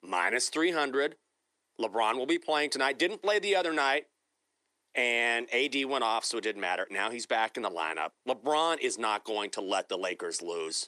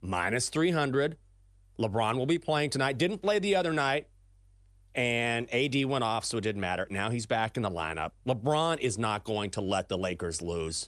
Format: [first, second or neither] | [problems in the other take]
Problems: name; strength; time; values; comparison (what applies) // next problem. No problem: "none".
second | thin; somewhat; fading below 300 Hz